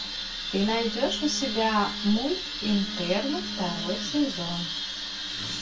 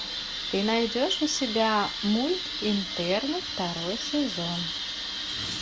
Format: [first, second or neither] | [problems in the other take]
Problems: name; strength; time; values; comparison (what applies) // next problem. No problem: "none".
second | background sound (Telephone); 12 dB below the speech // room echo; dies away in 0.2 s